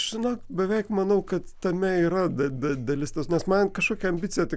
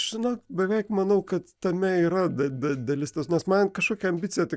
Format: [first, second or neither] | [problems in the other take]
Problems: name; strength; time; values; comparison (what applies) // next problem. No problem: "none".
first | noise reduction (neural mask model DeepFilterNet 3)